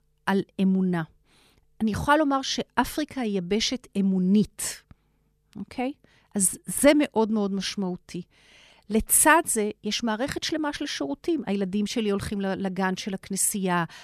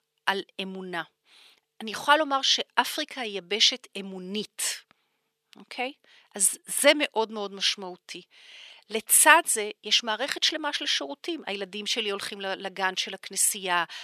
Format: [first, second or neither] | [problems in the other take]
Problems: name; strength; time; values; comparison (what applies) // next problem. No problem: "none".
first | thin; somewhat; fading below 500 Hz